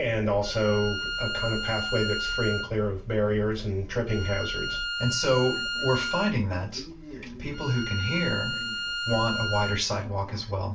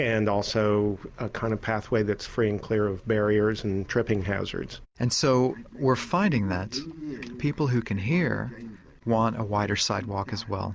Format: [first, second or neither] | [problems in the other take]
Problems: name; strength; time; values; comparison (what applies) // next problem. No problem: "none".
second | background sound (Bowed string instrument); 5 dB below the speech // room echo; dies away in 0.3 s